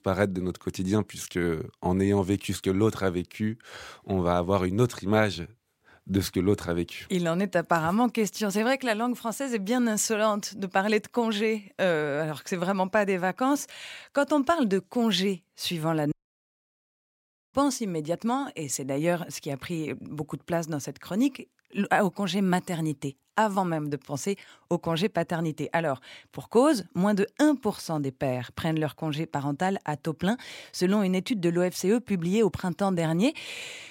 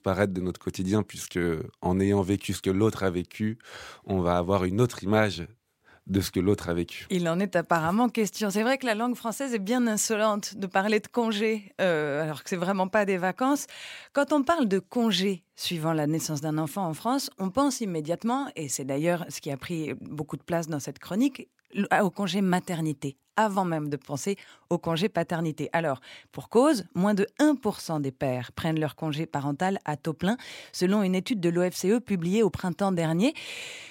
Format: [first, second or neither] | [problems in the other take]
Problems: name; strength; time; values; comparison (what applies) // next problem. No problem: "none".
second | audio cutting out; at 16 s for 1.5 s